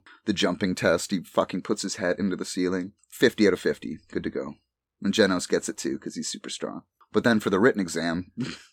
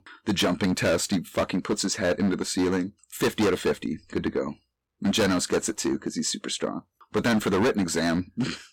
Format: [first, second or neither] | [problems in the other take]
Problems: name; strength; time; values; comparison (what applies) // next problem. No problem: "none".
first | distortion; heavy; 11% of the sound clipped